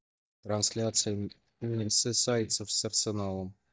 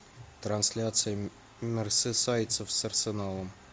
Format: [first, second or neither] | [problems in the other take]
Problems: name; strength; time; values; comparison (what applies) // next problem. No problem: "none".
second | noise reduction (neural mask model DeepFilterNet 3)